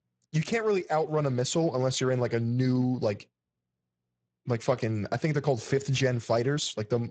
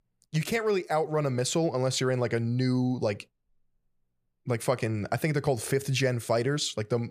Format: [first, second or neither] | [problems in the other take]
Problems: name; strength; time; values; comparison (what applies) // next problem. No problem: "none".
second | garbled, watery; badly; nothing above 7.5 kHz